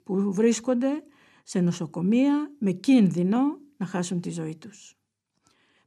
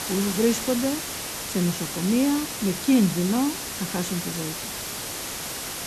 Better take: first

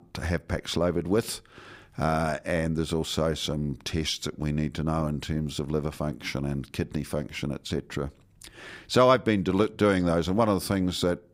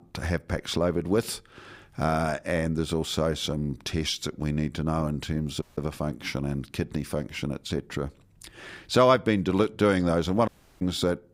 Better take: first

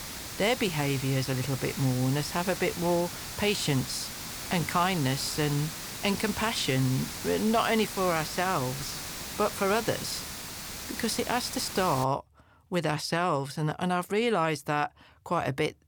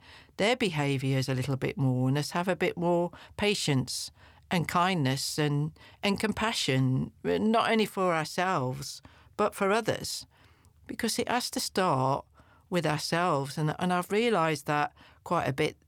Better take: second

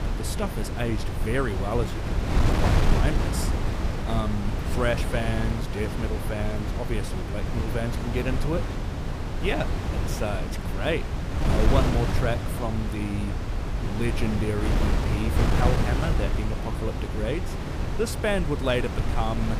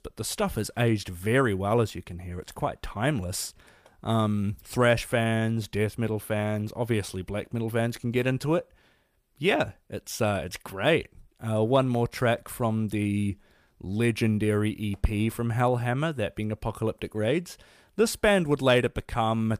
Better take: second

